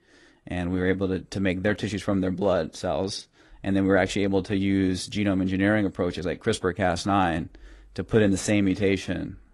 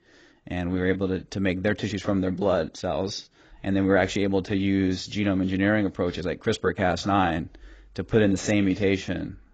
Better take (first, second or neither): first